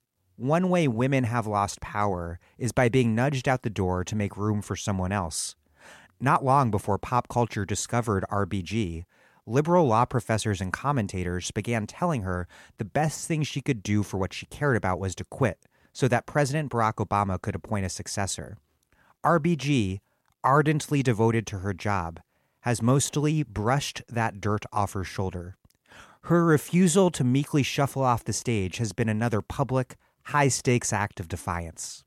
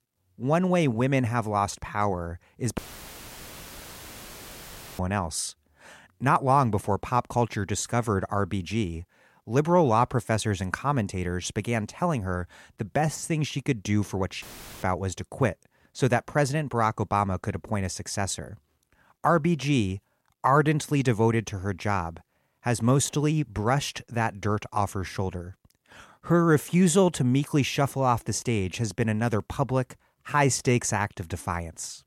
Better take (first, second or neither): first